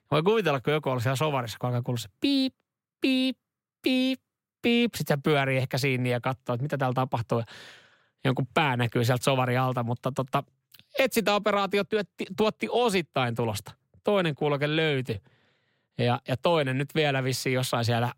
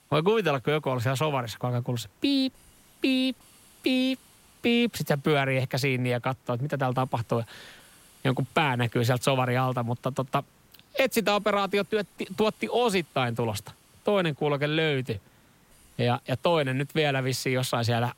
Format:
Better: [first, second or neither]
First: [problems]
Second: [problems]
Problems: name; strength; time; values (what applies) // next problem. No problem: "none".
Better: first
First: none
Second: hiss; faint; throughout; 30 dB below the speech